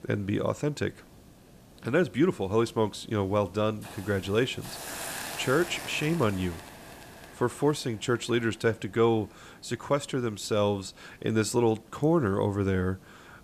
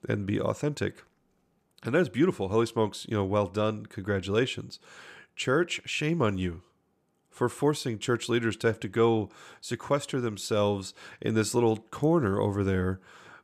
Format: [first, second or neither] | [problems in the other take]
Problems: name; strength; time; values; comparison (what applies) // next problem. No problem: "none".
second | hiss; noticeable; throughout; 15 dB below the speech